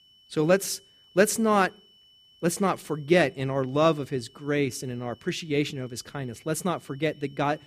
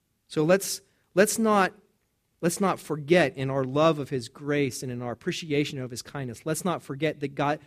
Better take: second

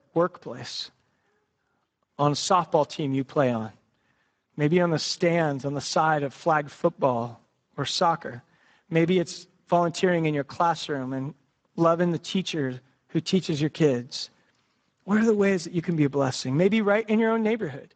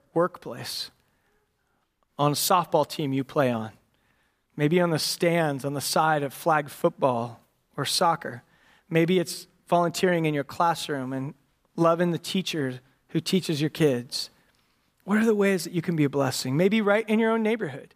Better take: second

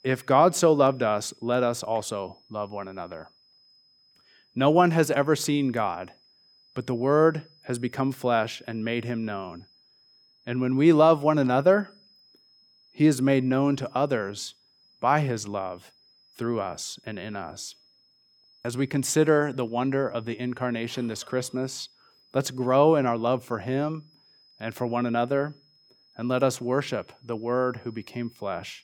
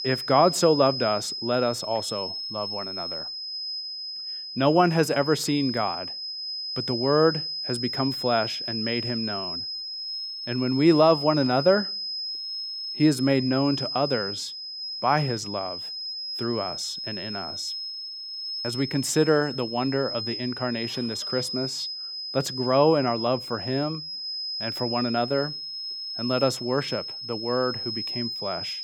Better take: first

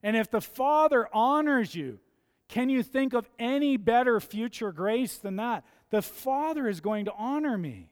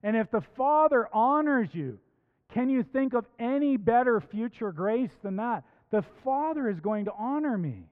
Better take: first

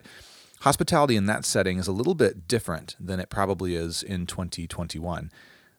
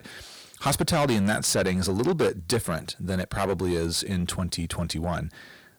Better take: first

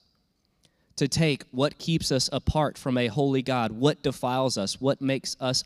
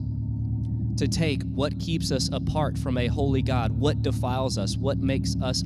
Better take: first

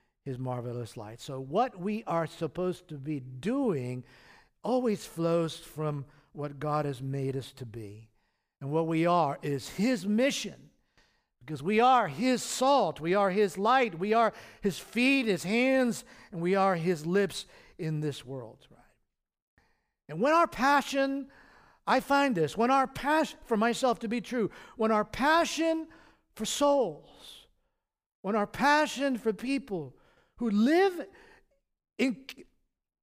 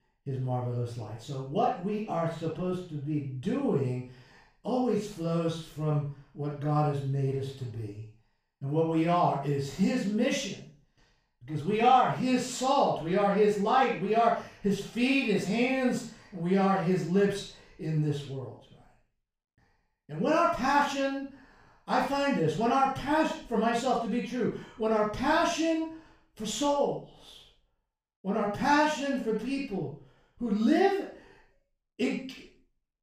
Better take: first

